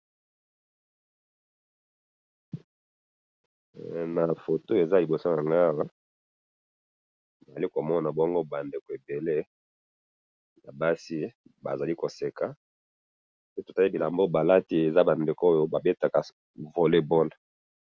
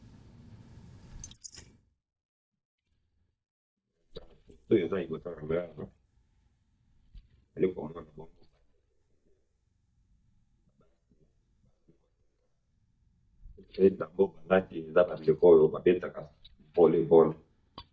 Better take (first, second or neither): first